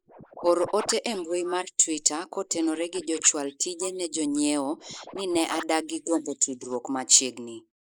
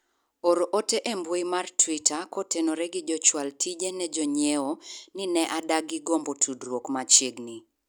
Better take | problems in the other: second | noise reduction (neural mask model Resemble Enhance denoiser)

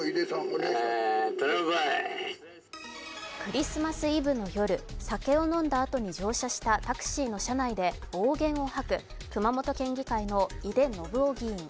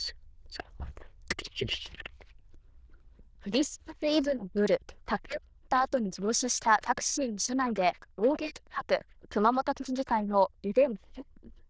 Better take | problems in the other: first | noise reduction (neural diffusion model UNIVERSE++)

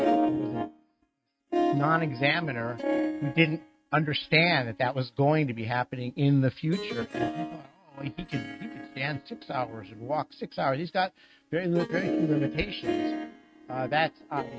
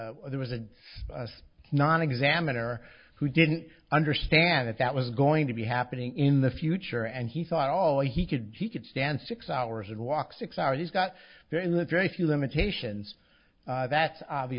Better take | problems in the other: second | noise reduction (neural mask model RNNoise)

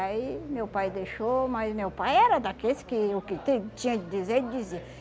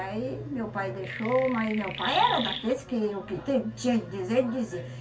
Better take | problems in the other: first | background sound (Chirp, tweet); 8 dB below the speech // room echo; dies away in 0.2 s

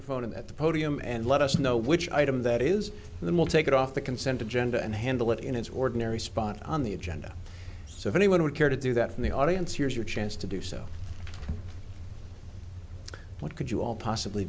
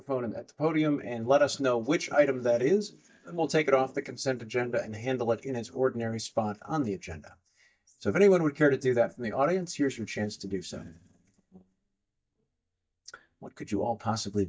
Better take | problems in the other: first | noise reduction (neural mask model DeepFilterNet 3)

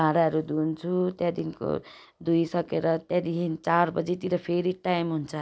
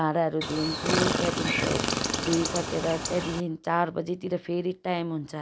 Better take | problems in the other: first | background sound (Chirp, tweet); as loud as the speech

